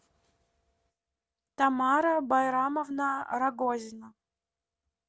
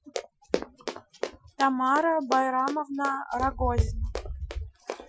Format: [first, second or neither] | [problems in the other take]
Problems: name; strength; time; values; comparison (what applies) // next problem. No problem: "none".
first | noise reduction (classical method Wiener filter)